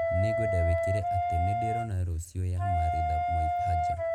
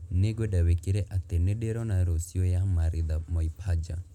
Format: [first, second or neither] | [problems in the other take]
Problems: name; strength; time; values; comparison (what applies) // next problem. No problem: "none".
second | background sound (Wind instrument, woodwind instrument); 2 dB above the speech